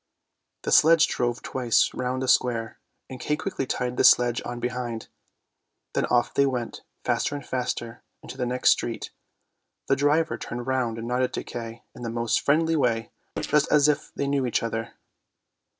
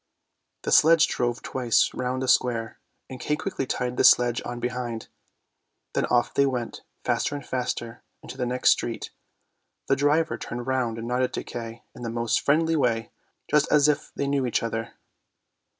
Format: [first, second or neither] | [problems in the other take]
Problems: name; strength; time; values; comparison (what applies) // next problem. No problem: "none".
second | noise reduction (neural separator model SepFormer DNS4)